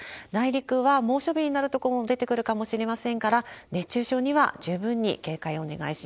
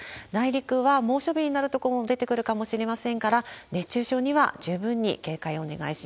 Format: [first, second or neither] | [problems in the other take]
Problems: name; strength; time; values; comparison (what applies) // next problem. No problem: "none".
second | noise reduction (neural mask model Resemble Enhance denoiser)